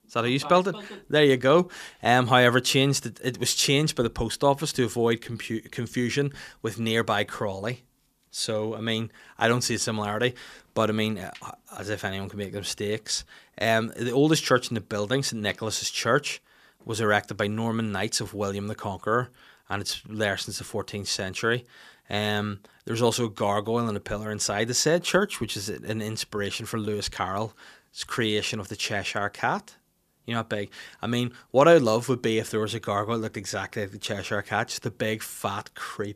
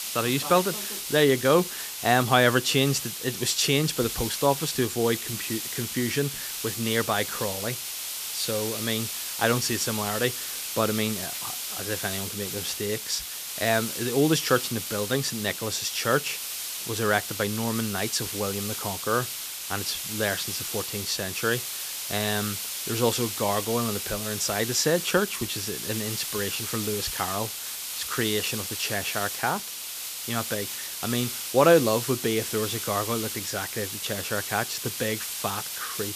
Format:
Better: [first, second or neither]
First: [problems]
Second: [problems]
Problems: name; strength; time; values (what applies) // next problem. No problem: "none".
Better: first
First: none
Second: hiss; loud; throughout; 4 dB below the speech